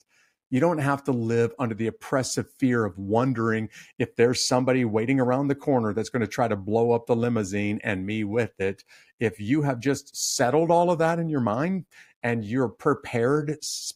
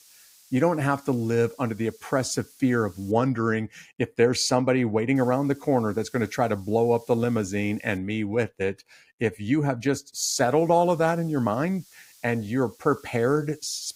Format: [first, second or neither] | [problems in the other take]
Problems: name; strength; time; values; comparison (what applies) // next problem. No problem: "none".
first | hiss; faint; until 3 s, from 5 to 8 s and from 10 s on; 25 dB below the speech